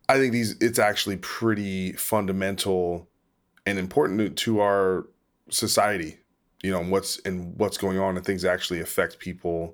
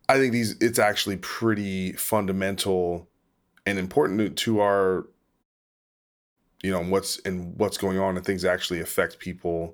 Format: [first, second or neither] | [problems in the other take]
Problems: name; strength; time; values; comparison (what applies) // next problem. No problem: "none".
first | audio cutting out; at 5.5 s for 1 s